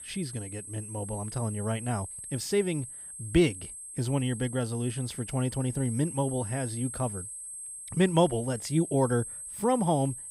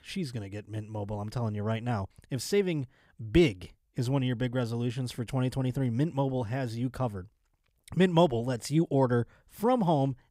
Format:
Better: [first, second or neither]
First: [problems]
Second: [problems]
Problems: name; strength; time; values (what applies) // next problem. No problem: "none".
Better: second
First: high-pitched whine; loud; throughout; 8.5 kHz, 9 dB below the speech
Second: none